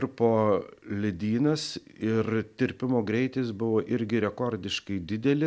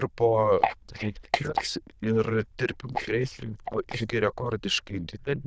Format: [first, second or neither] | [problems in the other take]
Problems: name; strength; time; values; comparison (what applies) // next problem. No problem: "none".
first | noise reduction (neural diffusion model UNIVERSE++)